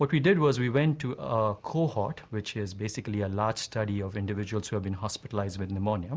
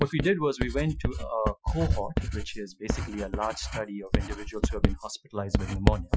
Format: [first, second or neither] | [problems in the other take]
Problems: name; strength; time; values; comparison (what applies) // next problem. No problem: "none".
first | noise reduction (classical method Wiener filter)